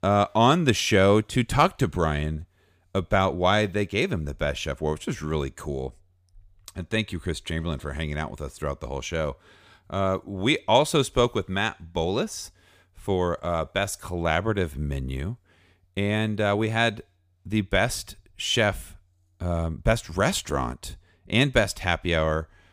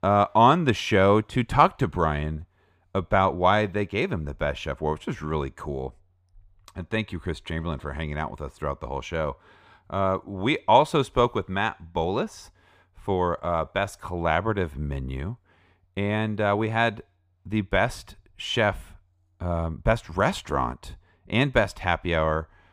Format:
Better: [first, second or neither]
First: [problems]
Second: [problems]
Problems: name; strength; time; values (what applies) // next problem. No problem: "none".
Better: first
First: none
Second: muffled; slightly; fading above 4 kHz